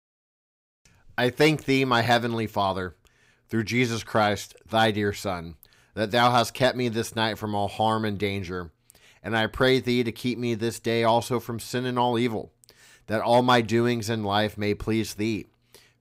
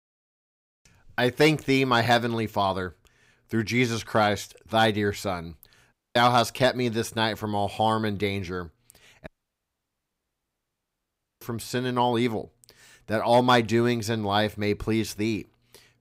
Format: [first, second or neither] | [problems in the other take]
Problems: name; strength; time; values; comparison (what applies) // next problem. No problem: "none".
first | audio cutting out; at 6 s and at 9.5 s for 2 s